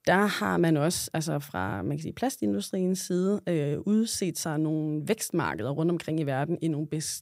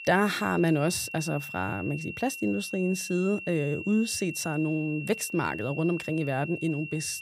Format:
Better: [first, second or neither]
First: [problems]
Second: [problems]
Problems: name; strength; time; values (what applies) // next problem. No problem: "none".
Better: first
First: none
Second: high-pitched whine; loud; throughout; 2.5 kHz, 9 dB below the speech